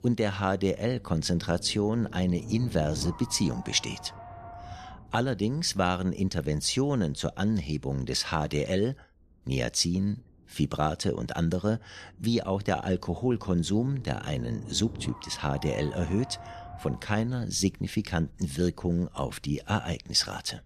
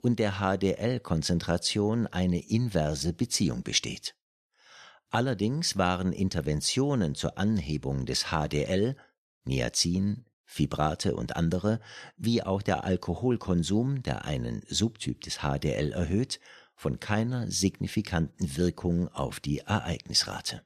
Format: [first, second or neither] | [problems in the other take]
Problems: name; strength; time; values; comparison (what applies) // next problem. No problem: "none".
second | low rumble; noticeable; throughout; 15 dB below the speech